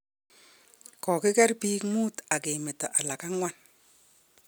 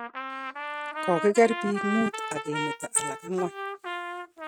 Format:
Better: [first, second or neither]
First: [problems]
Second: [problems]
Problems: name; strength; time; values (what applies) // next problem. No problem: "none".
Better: first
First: none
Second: noise reduction (neural mask model RNNoise)